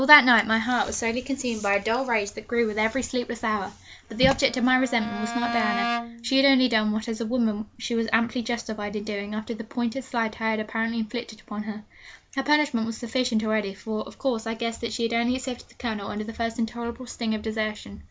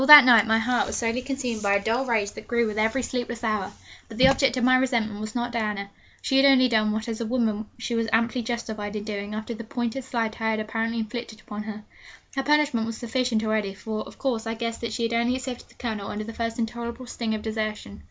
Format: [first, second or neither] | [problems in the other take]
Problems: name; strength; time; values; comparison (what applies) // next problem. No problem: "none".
second | background sound (Bowed string instrument); 8 dB below the speech